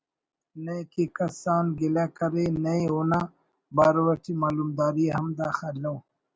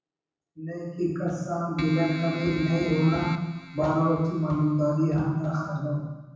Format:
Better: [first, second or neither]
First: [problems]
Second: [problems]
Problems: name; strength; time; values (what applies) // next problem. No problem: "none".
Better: first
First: none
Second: background sound (Keyboard (musical)); 12 dB below the speech // room echo; dies away in 1.1 s